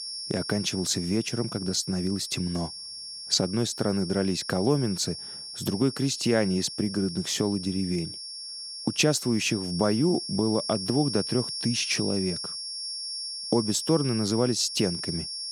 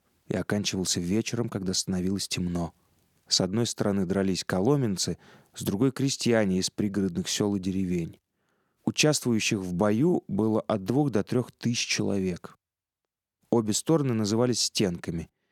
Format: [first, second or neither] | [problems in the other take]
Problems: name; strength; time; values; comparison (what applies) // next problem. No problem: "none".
second | high-pitched whine; loud; throughout; 5.5 kHz, 7 dB below the speech